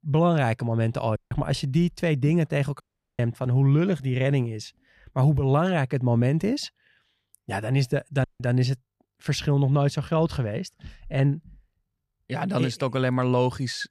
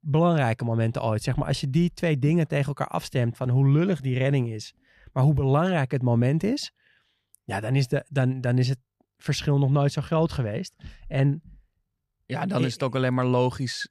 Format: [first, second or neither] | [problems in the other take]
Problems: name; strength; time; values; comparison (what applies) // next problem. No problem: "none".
second | audio cutting out; at 1 s, at 3 s and at 8 s